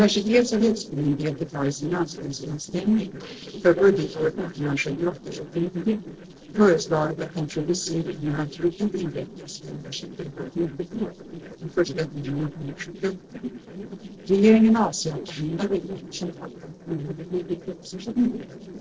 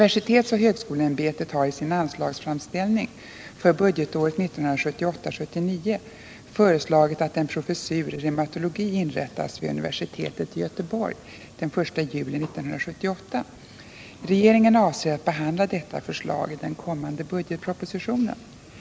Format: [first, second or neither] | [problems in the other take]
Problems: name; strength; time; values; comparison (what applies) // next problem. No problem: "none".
second | noise reduction (neural separator model SepFormer DNS4)